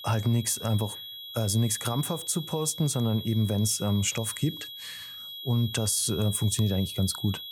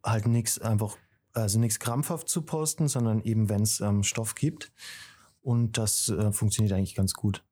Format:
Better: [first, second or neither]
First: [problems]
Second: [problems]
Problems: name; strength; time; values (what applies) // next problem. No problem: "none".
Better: second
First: high-pitched whine; loud; throughout; 3.5 kHz, 10 dB below the speech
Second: none